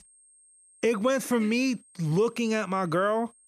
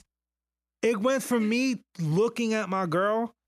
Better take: second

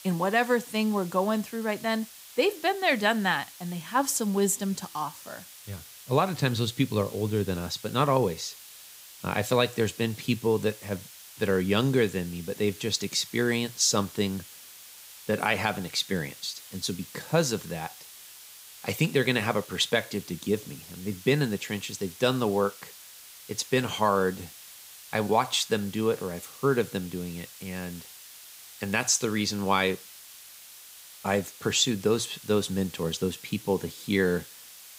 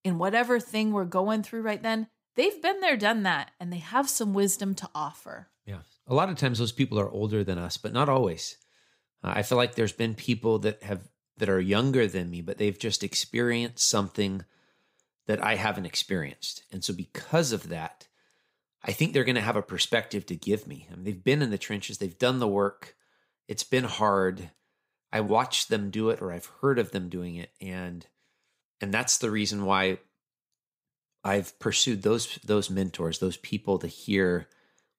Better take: second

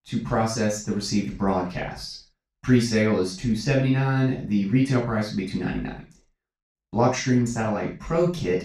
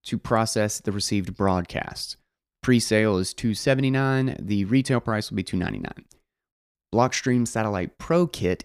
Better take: second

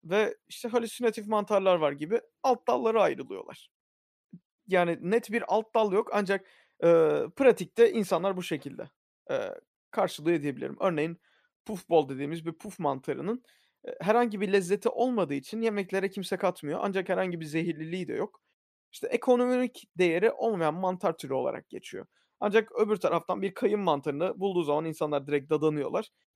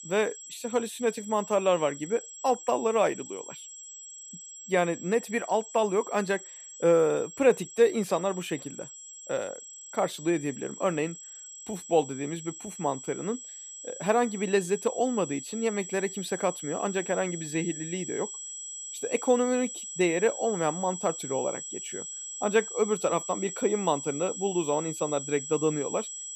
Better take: first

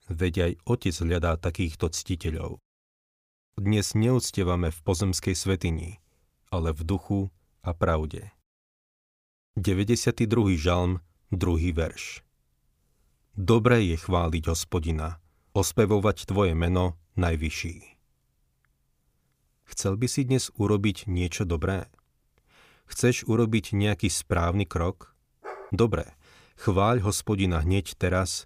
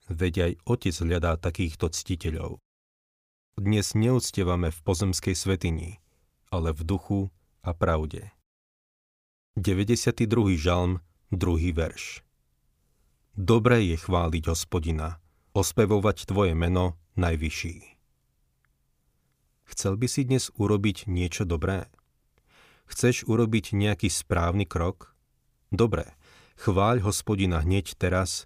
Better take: second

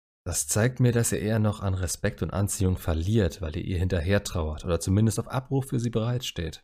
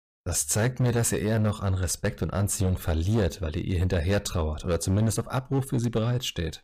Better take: first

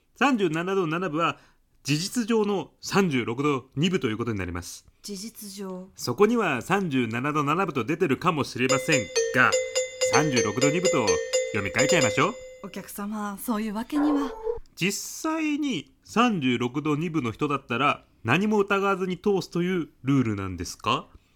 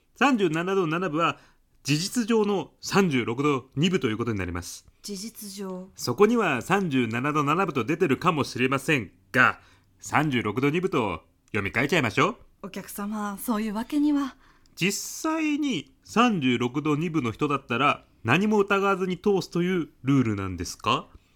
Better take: second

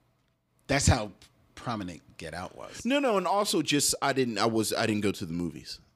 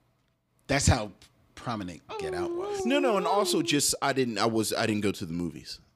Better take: first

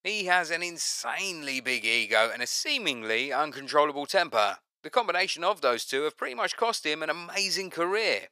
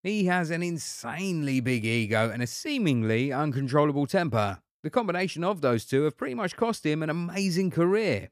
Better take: second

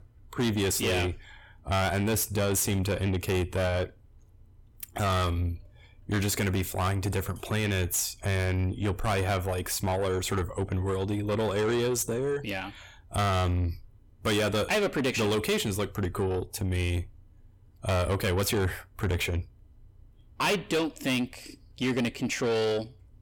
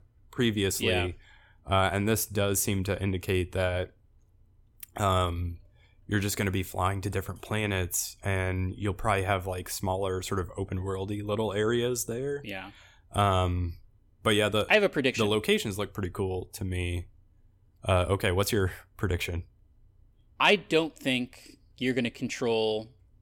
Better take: second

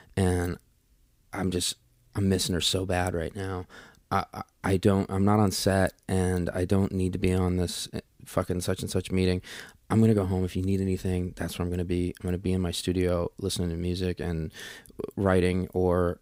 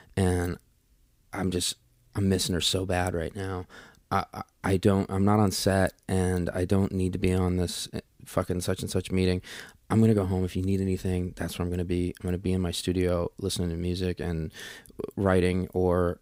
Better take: neither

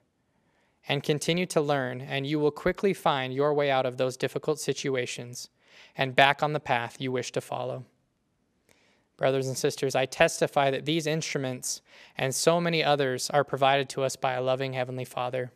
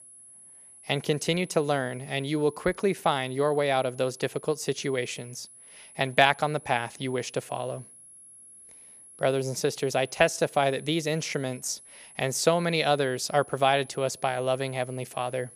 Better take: first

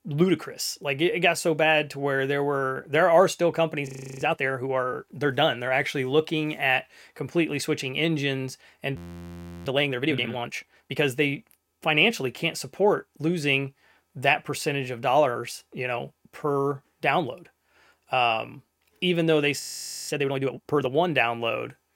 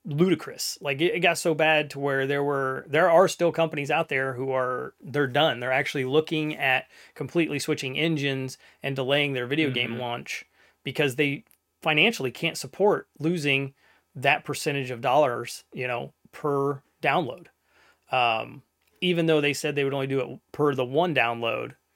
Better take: second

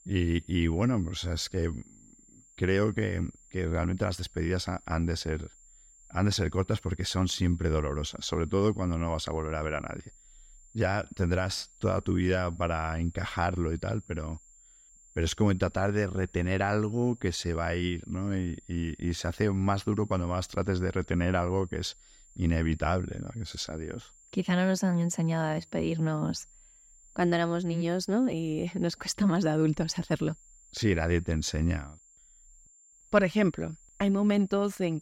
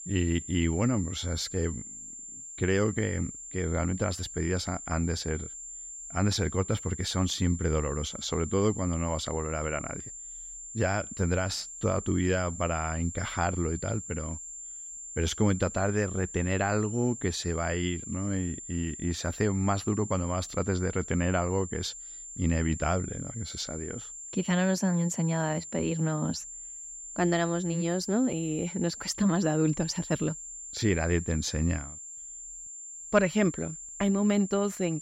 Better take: first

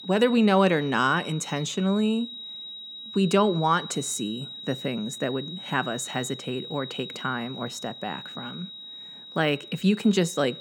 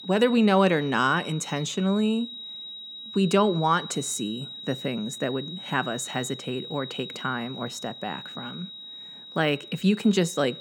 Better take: neither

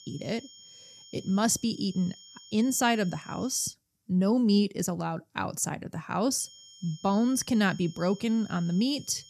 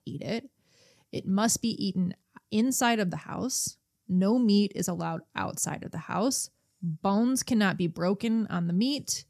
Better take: second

